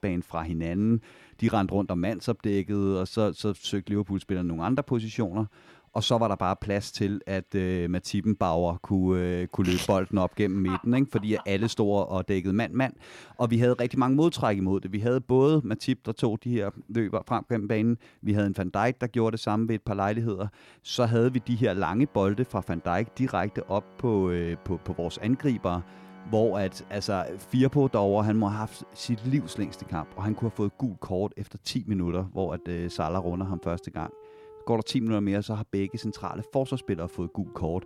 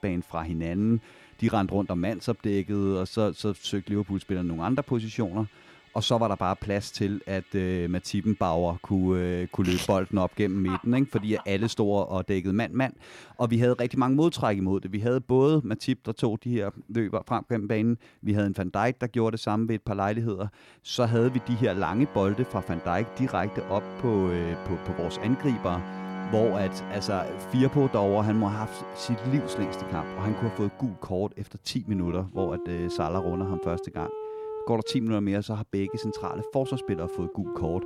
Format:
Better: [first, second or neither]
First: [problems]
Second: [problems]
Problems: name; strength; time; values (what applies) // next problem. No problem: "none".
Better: first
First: background music; faint; throughout; 25 dB below the speech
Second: background music; loud; throughout; 10 dB below the speech